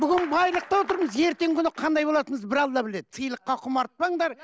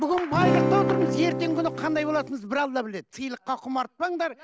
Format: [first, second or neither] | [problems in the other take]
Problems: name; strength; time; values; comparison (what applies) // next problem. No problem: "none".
first | background sound (Acoustic guitar / Strum); 1 dB above the speech